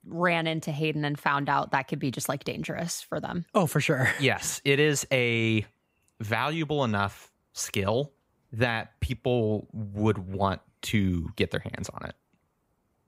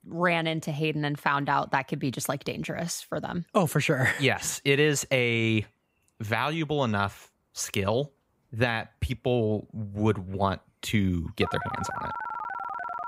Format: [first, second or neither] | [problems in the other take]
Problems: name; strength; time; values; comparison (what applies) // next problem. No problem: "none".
first | phone ringing; noticeable; from 11 s on; peak 6 dB below the speech